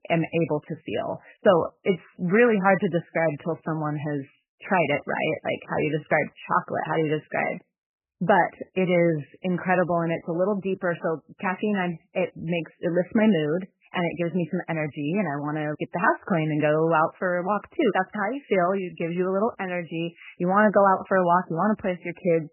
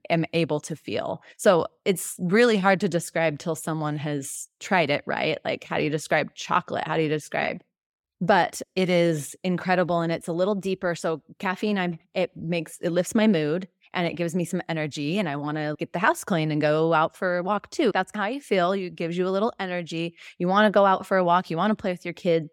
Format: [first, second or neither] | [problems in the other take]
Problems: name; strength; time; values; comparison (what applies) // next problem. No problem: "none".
second | garbled, watery; badly; nothing above 3 kHz